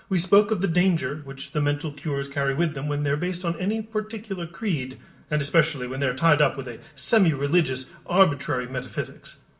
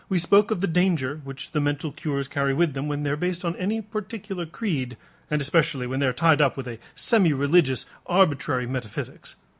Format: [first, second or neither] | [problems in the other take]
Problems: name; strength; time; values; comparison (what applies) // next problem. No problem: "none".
second | room echo; dies away in 0.8 s